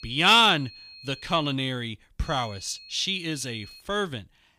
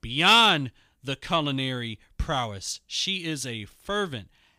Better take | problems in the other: second | high-pitched whine; faint; until 1.5 s and from 2 to 4 s; 4.5 kHz, 20 dB below the speech

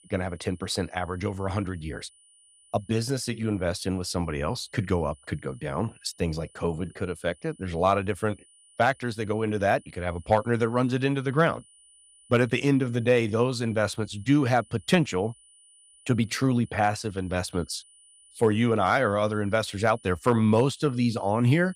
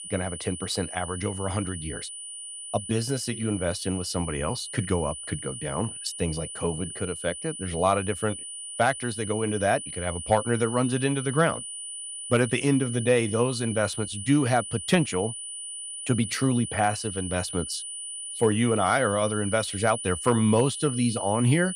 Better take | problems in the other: first | high-pitched whine; loud; throughout; 9.5 kHz, 8 dB below the speech; faint in the first

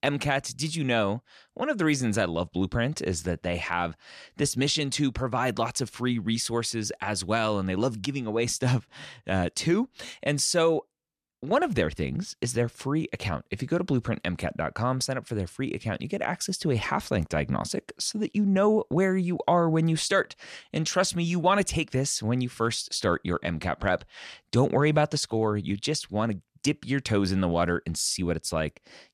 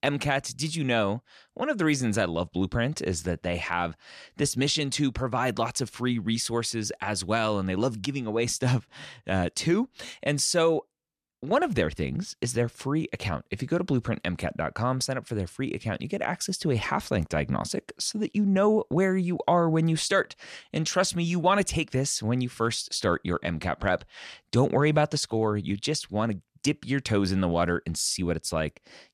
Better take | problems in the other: neither | none

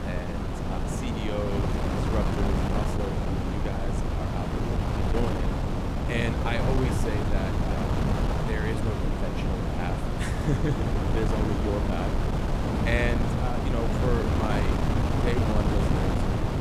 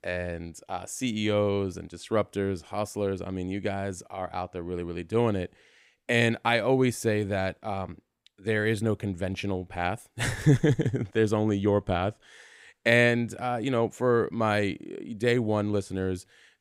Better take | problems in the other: second | wind noise on the microphone; heavy; 2 dB above the speech

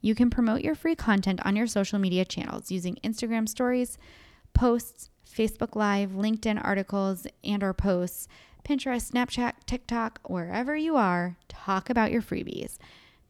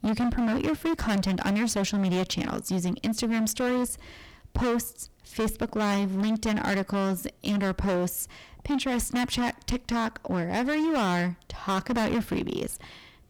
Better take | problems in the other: first | distortion; heavy; 24% of the sound clipped

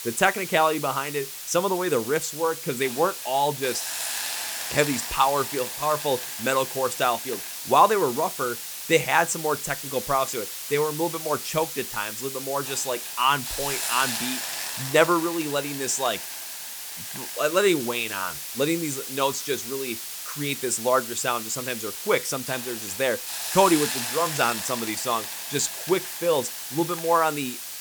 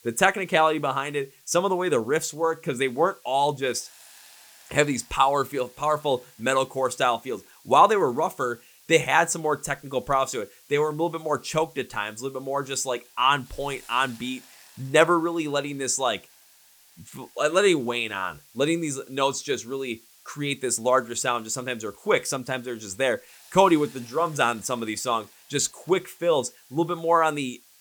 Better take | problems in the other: second | hiss; loud; throughout; 6 dB below the speech; faint in the second

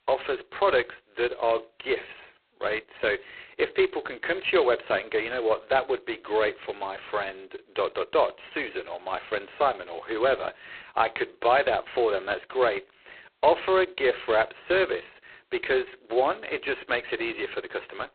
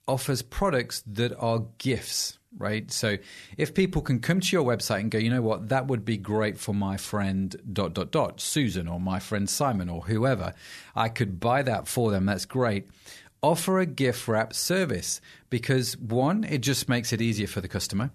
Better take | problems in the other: second | phone-call audio; poor line; nothing above 4 kHz

